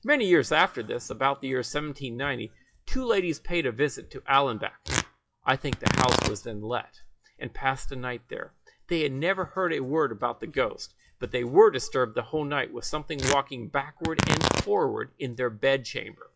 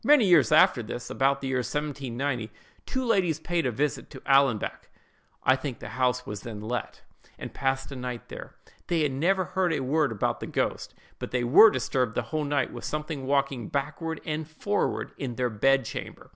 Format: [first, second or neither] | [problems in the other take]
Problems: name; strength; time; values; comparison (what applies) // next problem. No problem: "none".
second | noise reduction (classical method WPE with log-MMSE)